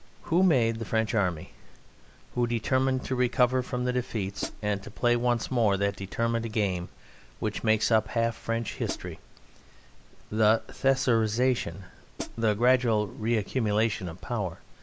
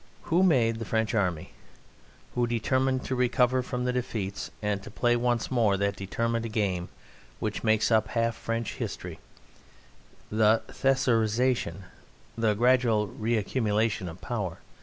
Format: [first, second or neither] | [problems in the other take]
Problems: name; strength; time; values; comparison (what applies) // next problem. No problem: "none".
second | background sound (Hi-hat); 12 dB below the speech